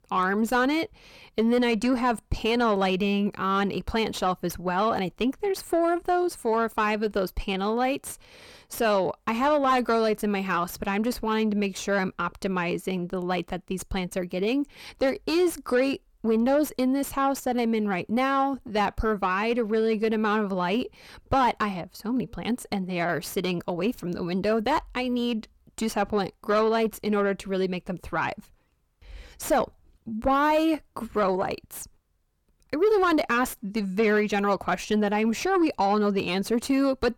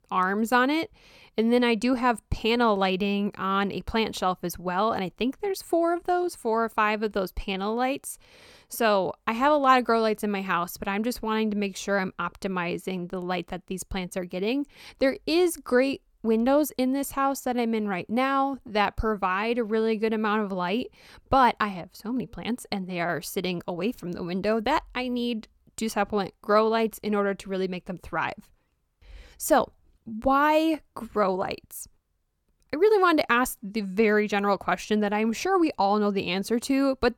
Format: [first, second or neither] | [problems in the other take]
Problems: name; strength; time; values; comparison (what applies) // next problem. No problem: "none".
second | distortion; slight; 10 dB below the speech